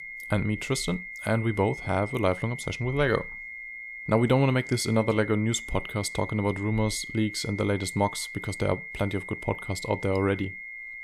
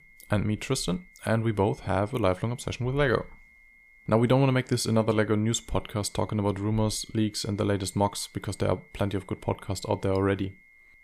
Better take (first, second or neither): second